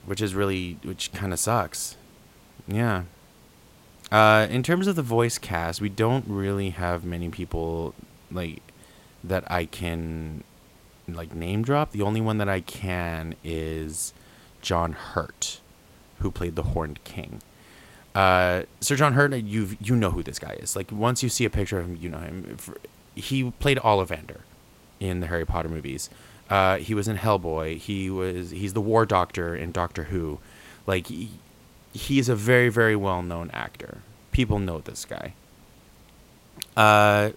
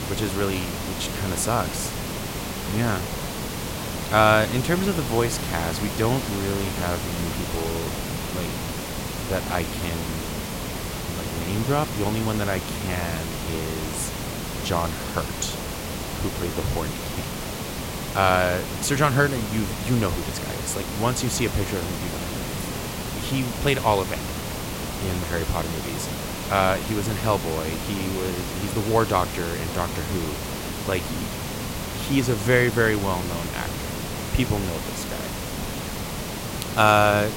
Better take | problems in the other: first | hiss; loud; throughout; 4 dB below the speech; faint in the first

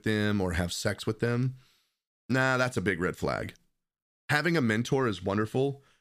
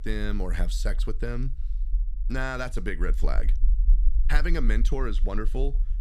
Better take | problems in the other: first | low rumble; faint; throughout; 20 dB below the speech

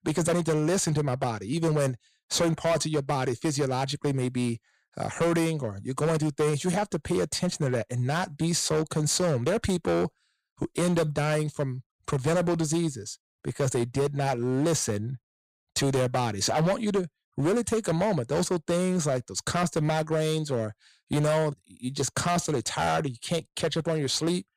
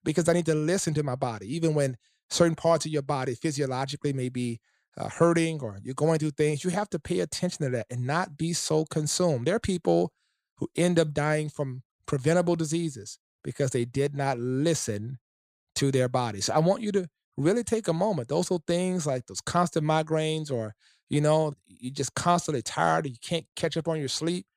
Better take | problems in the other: second | distortion; heavy; 11% of the sound clipped

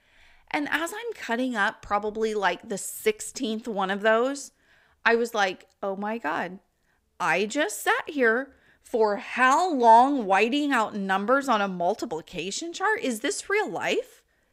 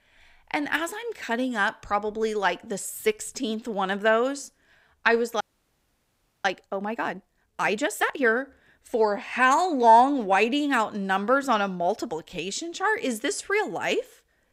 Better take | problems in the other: first | audio freezing; at 5.5 s for 1 s

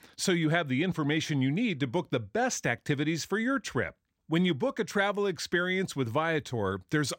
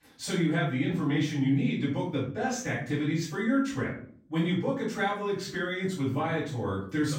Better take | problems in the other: first | off-mic speech; far // room echo; noticeable; dies away in 0.5 s

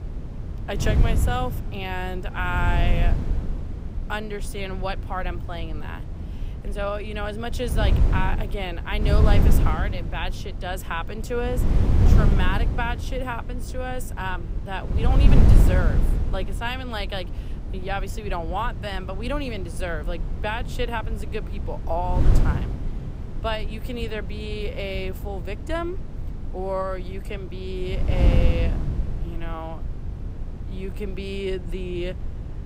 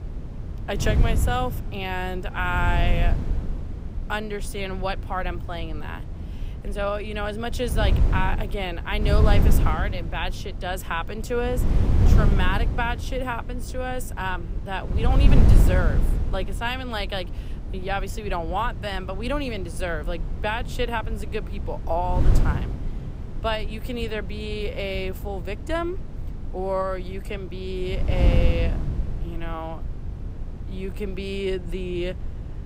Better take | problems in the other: second | wind noise on the microphone; heavy; 8 dB below the speech; occasional gusts in the second

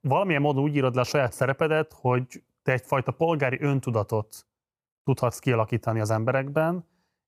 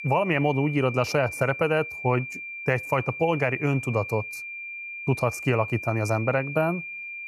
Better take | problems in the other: first | high-pitched whine; loud; throughout; 2.5 kHz, 8 dB below the speech

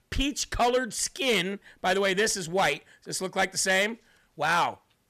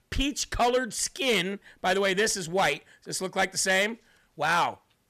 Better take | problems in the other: neither | distortion; slight; 5% of the sound clipped; the same in both

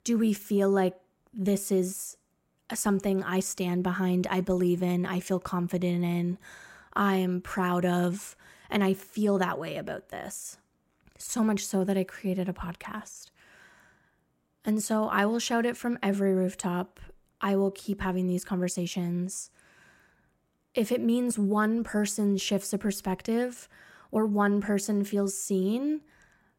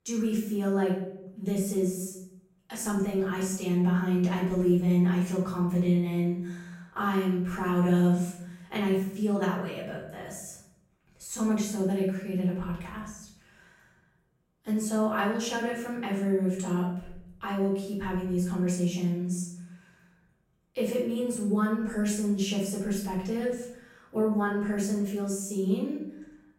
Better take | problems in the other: first | room echo; noticeable; dies away in 0.9 s // off-mic speech; far

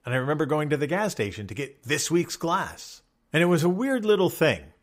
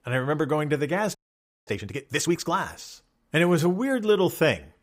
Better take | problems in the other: first | audio freezing; at 1 s for 0.5 s

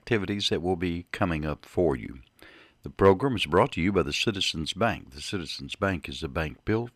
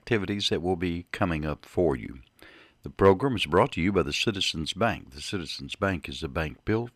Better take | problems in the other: neither | none

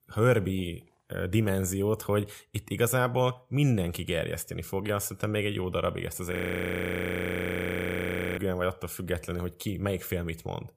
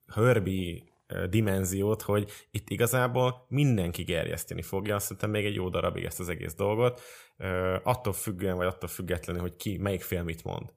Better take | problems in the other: second | audio freezing; at 6.5 s for 2 s

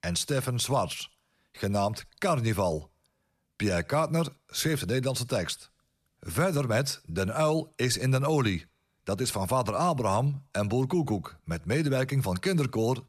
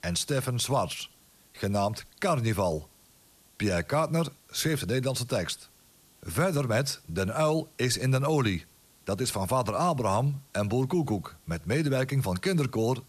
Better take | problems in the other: first | hiss; faint; throughout; 30 dB below the speech

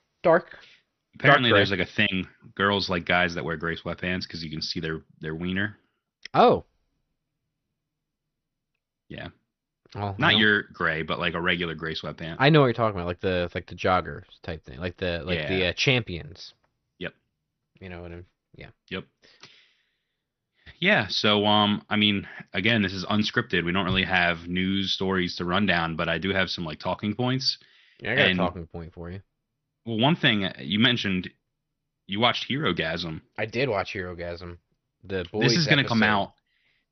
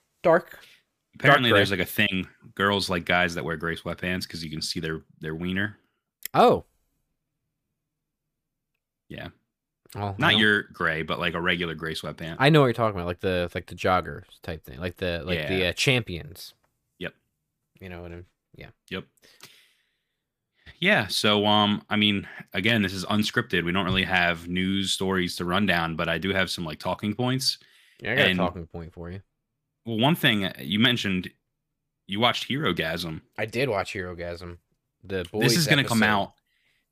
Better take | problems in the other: second | garbled, watery; slightly; nothing above 5.5 kHz

